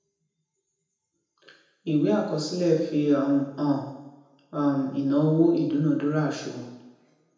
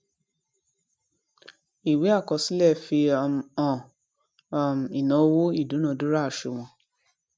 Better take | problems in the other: second | room echo; dies away in 0.9 s

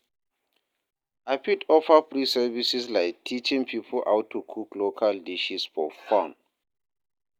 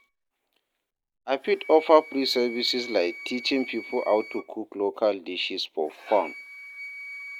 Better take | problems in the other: first | background sound (Wind instrument, woodwind instrument); 16 dB below the speech

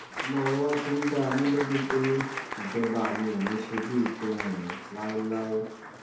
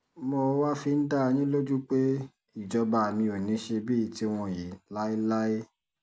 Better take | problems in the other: second | background sound (Applause / Crowd); 7 dB below the speech // room echo; dies away in 0.7 s

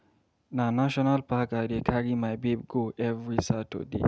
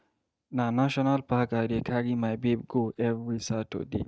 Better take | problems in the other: first | noise reduction (neural mask model DeepFilterNet 3)

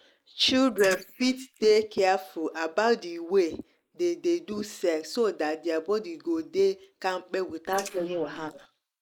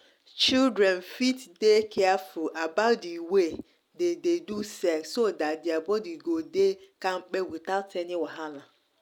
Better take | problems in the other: second | noise reduction (neural mask model Resemble Enhance denoiser)

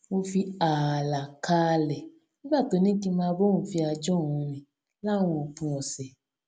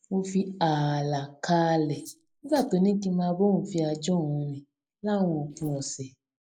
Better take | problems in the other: first | noise reduction (neural mask model Resemble Enhance denoiser)

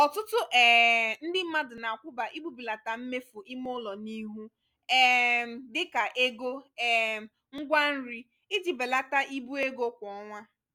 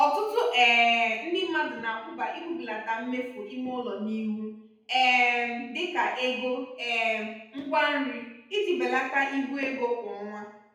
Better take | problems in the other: first | room echo; dies away in 0.8 s

